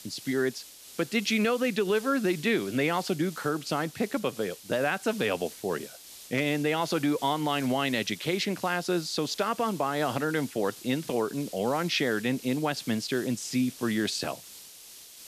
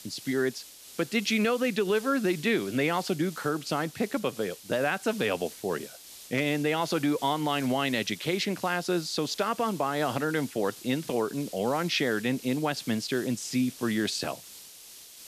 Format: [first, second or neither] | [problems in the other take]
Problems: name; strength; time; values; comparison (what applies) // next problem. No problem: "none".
neither | hiss; noticeable; throughout; 15 dB below the speech; the same in both